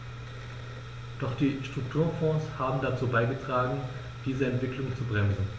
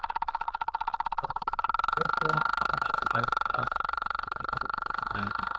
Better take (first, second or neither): first